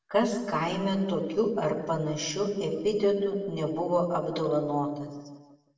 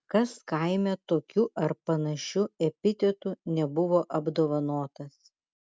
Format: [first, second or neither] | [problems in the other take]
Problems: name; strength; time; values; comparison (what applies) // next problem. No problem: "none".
second | room echo; dies away in 1.2 s